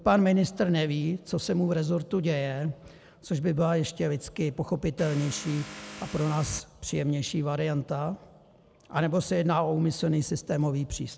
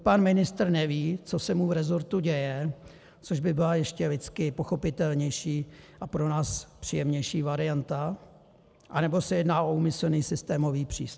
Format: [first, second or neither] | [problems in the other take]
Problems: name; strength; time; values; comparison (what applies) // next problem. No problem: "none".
second | background sound (Vehicle); 14 dB below the speech